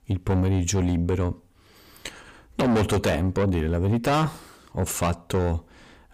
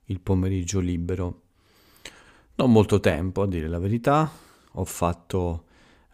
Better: second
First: distortion; heavy; 6 dB below the speech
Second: none

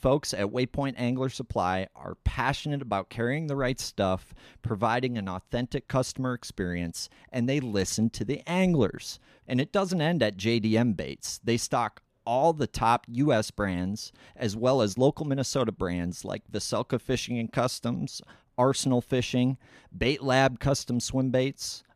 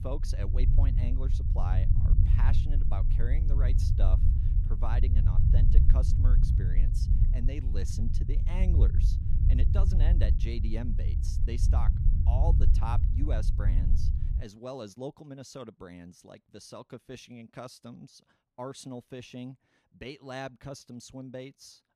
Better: first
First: none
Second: low rumble; loud; until 14 s; 2 dB below the speech

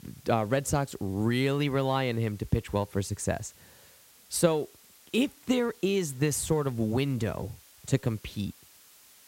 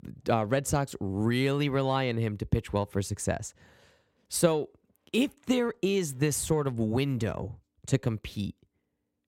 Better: second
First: hiss; faint; throughout; 25 dB below the speech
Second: none

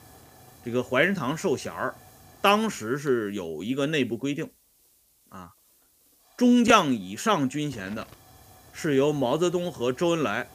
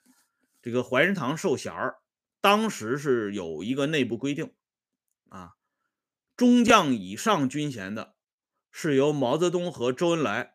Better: second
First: hiss; faint; throughout; 25 dB below the speech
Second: none

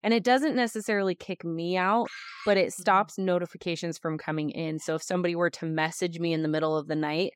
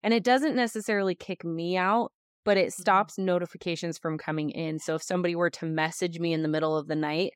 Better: second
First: phone ringing; faint; at 2 s; peak 10 dB below the speech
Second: none

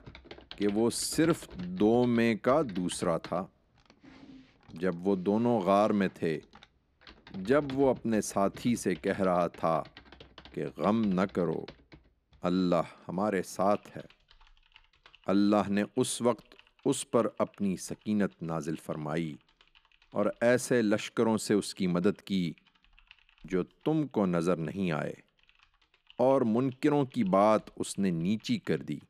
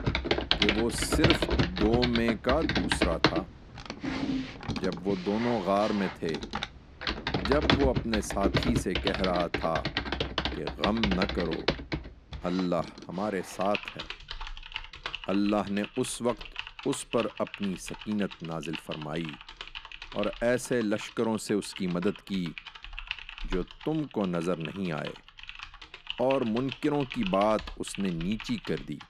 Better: first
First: household noises; faint; throughout; 25 dB below the speech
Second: household noises; loud; throughout; 2 dB below the speech

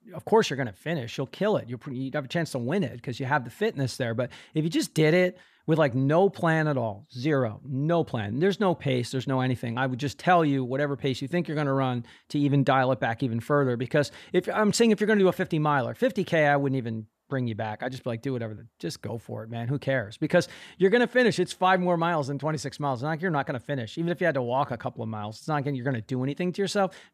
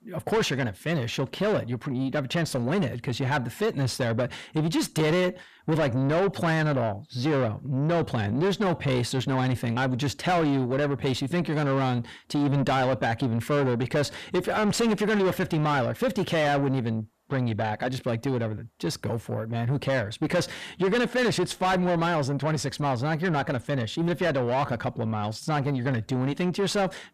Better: first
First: none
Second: distortion; heavy; 7 dB below the speech

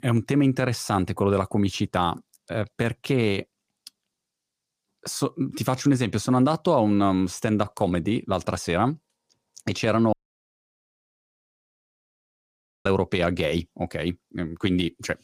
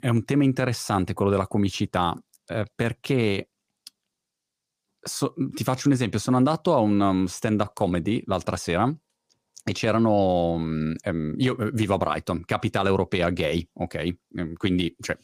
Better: second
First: audio cutting out; at 10 s for 2.5 s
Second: none

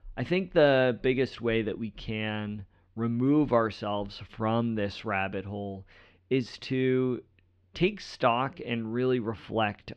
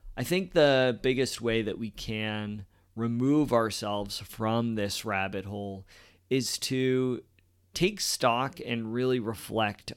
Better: second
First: muffled; slightly; fading above 3 kHz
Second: none

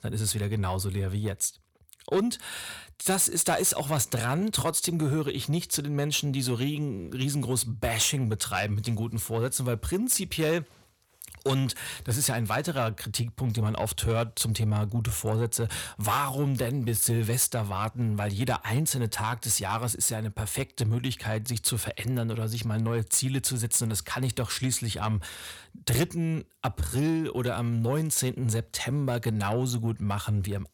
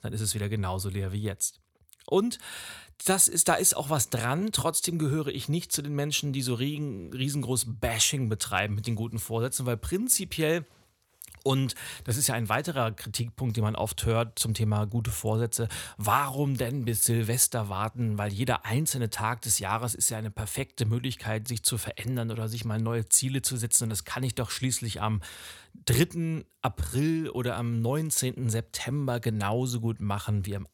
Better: second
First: distortion; slight; 10 dB below the speech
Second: none

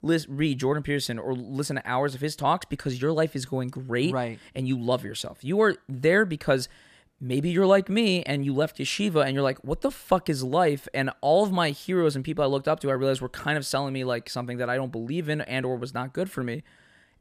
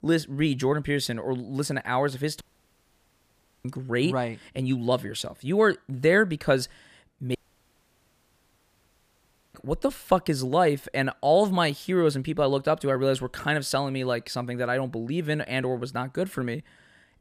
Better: first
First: none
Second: audio cutting out; at 2.5 s for 1 s and at 7.5 s for 2 s

